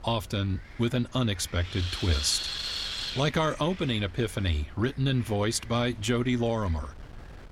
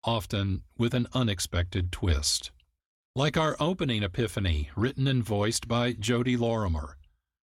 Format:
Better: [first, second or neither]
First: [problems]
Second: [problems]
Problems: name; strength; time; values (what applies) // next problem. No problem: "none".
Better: second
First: wind noise on the microphone; heavy; 3 dB below the speech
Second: none